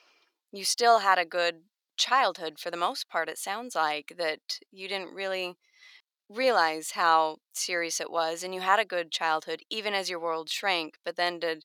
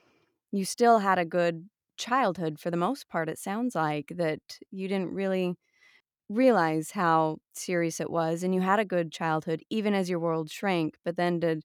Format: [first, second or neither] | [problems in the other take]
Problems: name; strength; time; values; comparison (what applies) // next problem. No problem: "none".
second | thin; very; fading below 650 Hz